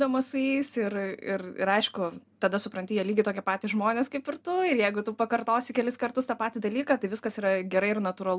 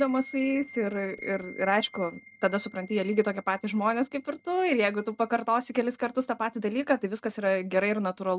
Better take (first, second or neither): first